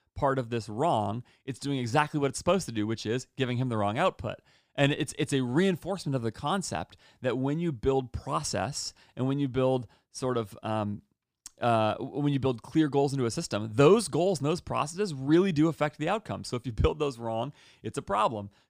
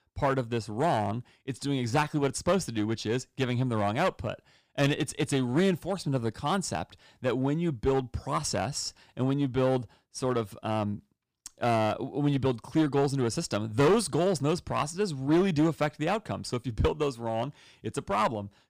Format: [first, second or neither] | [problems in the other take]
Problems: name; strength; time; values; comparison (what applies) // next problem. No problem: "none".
first | distortion; slight; 5% of the sound clipped